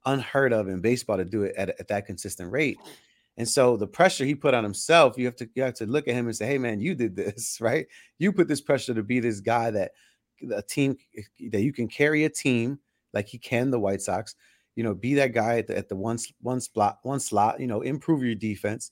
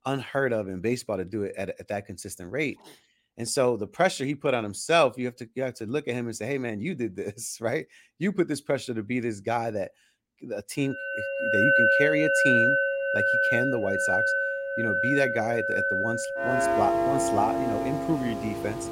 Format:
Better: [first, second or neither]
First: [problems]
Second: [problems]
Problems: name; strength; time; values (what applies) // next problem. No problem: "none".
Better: first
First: none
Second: background music; very loud; from 11 s on; 4 dB above the speech